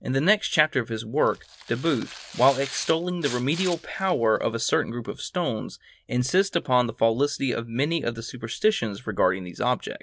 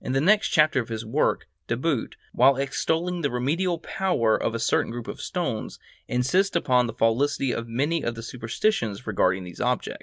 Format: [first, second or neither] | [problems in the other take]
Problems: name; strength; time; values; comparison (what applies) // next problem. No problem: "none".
second | background sound (Tearing); 15 dB below the speech